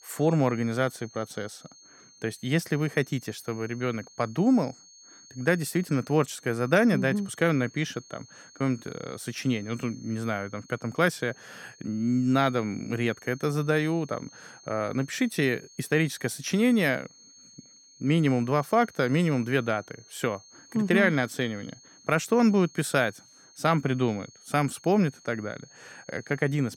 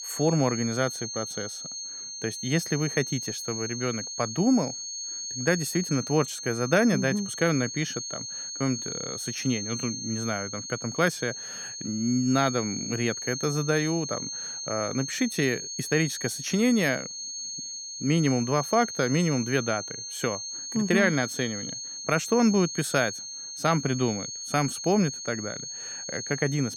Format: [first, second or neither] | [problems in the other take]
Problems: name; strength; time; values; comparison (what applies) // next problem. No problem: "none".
first | high-pitched whine; loud; throughout; 6.5 kHz, 6 dB below the speech; faint in the first